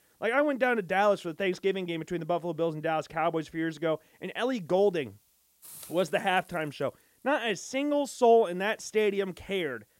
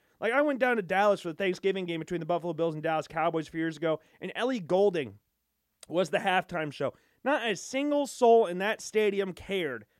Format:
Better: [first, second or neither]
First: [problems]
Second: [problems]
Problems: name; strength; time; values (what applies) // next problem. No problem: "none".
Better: second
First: hiss; faint; throughout; 25 dB below the speech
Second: none